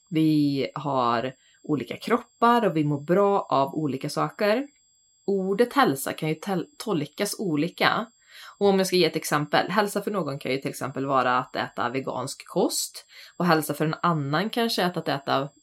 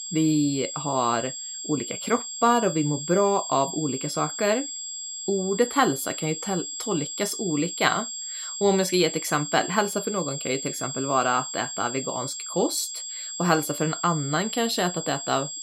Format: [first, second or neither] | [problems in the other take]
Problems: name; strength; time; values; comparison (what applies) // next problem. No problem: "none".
first | high-pitched whine; loud; throughout; 7.5 kHz, 6 dB below the speech; faint in the first